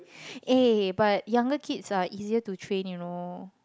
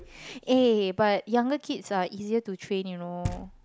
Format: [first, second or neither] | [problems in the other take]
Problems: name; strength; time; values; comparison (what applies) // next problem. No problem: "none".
first | background sound (Knock); 16 dB below the speech